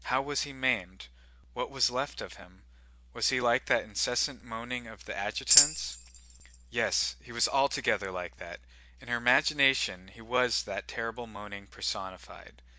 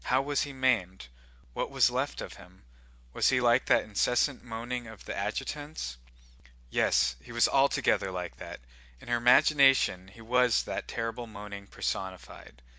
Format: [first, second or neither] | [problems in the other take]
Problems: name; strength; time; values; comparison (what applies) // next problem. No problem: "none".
second | background sound (Tambourine); 5 dB above the speech